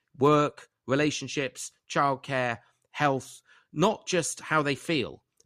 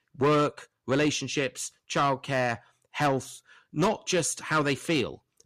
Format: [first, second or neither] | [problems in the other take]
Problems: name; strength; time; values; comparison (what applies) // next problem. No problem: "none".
first | distortion; slight; 10 dB below the speech